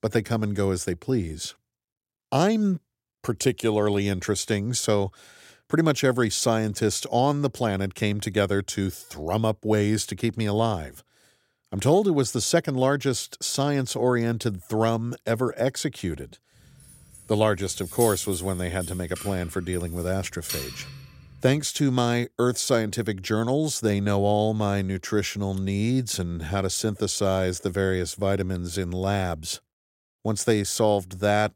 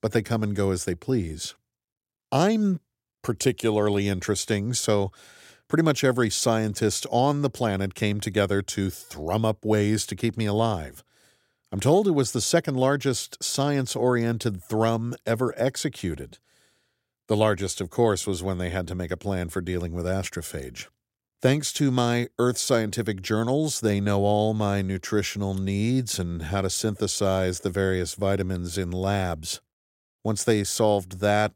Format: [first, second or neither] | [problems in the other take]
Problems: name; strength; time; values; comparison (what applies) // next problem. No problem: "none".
second | jangling keys; noticeable; from 17 to 22 s; peak 5 dB below the speech